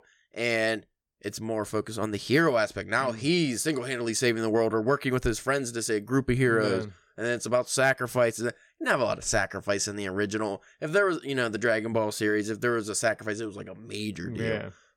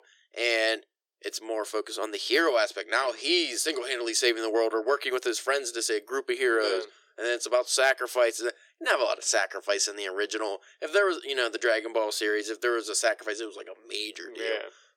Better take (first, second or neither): first